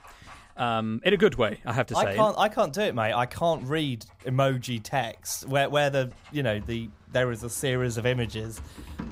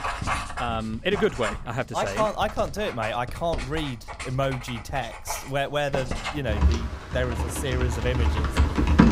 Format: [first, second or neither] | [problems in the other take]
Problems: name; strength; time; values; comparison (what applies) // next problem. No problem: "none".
first | household noises; loud; throughout; 1 dB below the speech; faint in the first